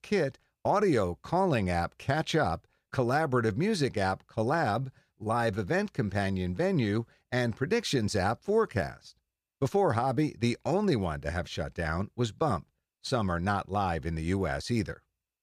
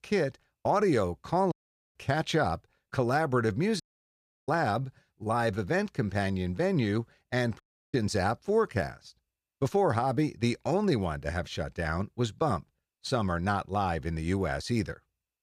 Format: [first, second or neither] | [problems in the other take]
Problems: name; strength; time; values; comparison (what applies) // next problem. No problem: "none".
first | audio cutting out; at 1.5 s, at 4 s for 0.5 s and at 7.5 s